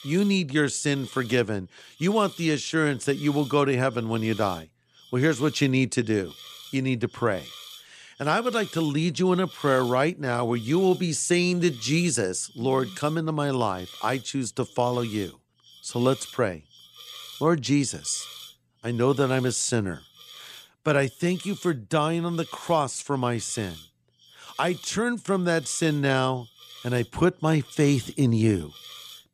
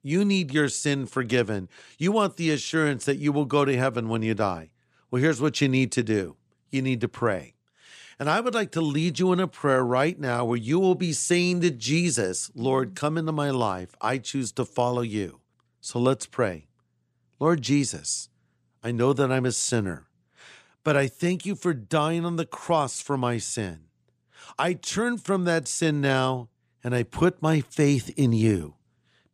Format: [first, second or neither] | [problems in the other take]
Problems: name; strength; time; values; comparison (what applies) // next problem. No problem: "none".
second | hiss; noticeable; throughout; 20 dB below the speech